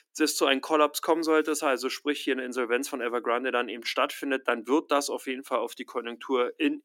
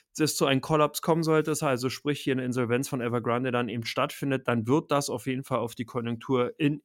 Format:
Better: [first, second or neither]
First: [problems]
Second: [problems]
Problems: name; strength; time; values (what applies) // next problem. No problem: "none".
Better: second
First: thin; very slightly; fading below 300 Hz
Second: none